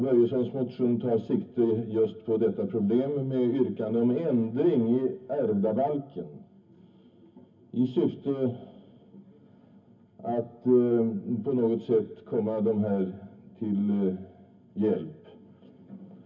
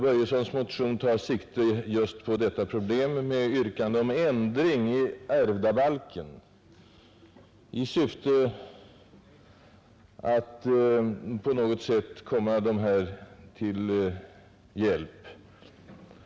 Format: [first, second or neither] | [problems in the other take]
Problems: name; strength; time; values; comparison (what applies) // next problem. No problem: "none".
second | room echo; dies away in 0.3 s